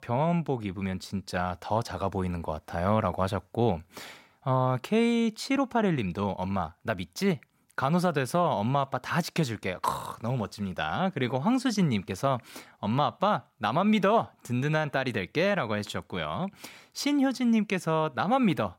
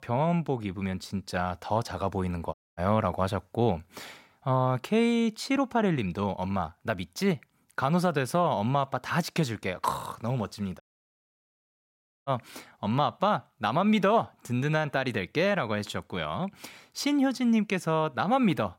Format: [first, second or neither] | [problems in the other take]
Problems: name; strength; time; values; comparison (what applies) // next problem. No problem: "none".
first | audio cutting out; at 2.5 s and at 11 s for 1.5 s